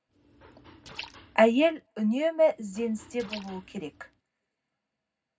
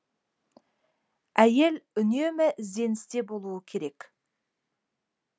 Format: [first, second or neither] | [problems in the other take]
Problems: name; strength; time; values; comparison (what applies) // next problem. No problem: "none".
second | background sound (Liquid); 19 dB below the speech // room echo; dies away in 0.4 s